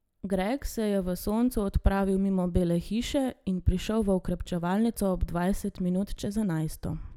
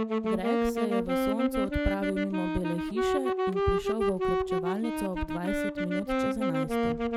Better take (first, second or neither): first